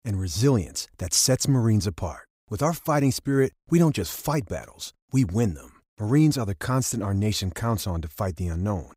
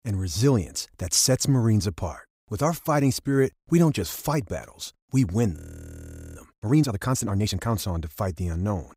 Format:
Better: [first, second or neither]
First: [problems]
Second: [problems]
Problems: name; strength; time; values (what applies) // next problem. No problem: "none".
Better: first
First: none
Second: audio freezing; at 5.5 s for 1 s